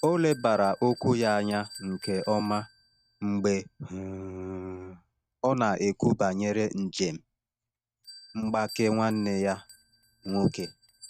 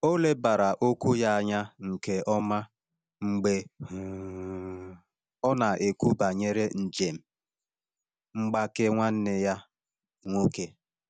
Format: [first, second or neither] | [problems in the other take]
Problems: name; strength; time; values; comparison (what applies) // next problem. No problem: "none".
second | noise reduction (neural mask model RNNoise)